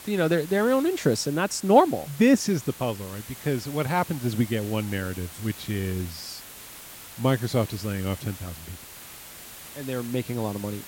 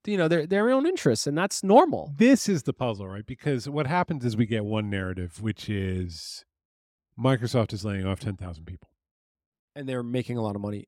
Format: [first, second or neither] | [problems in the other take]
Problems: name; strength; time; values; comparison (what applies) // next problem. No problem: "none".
second | hiss; noticeable; throughout; 15 dB below the speech